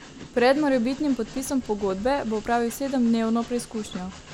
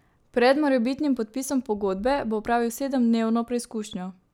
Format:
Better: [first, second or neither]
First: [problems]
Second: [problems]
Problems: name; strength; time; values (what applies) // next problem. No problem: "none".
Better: second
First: background sound (Train); 18 dB below the speech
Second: none